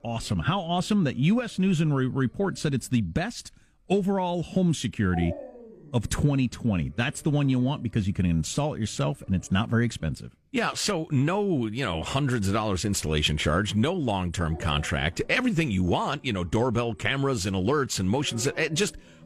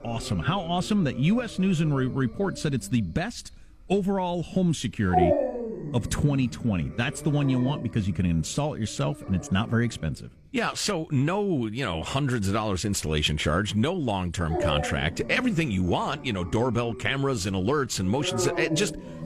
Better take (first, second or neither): first